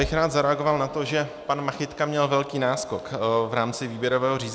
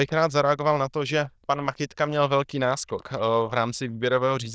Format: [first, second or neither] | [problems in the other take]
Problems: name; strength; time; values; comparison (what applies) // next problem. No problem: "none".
first | noise reduction (neural diffusion model UNIVERSE++)